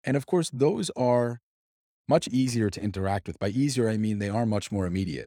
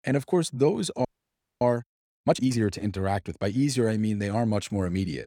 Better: first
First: none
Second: audio freezing; at 1 s for 0.5 s

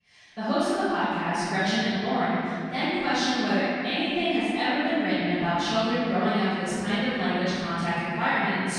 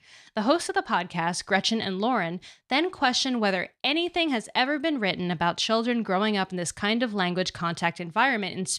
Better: second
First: off-mic speech; far // room echo; strong; dies away in 2.9 s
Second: none

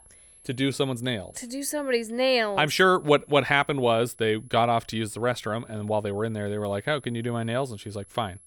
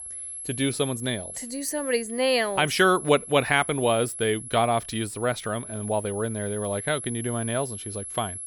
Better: first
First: high-pitched whine; faint; throughout; 11 kHz, 25 dB below the speech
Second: high-pitched whine; loud; throughout; 11 kHz, 10 dB below the speech

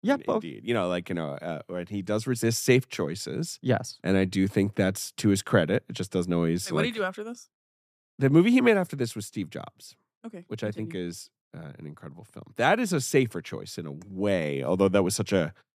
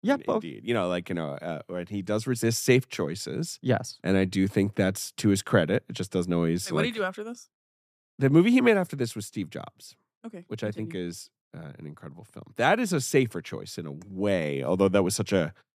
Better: neither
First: none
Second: none

